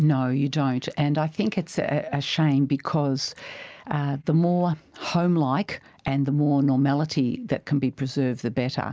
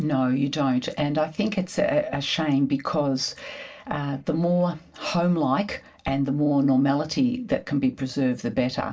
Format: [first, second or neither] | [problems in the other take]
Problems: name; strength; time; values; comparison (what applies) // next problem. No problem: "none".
first | room echo; dies away in 0.2 s